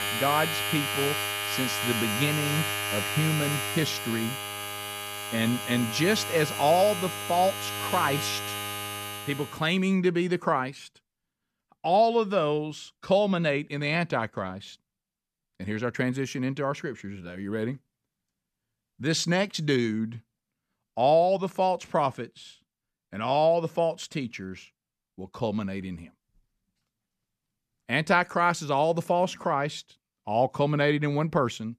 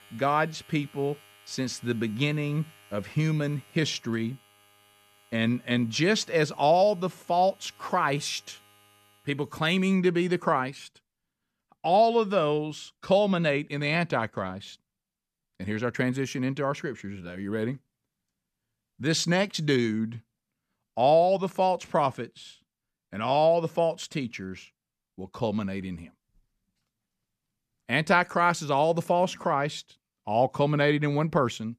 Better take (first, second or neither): second